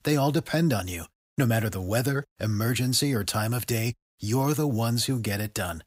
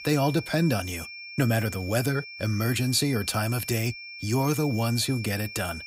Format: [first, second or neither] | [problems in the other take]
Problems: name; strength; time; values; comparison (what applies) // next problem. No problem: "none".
first | high-pitched whine; noticeable; throughout; 2.5 kHz, 10 dB below the speech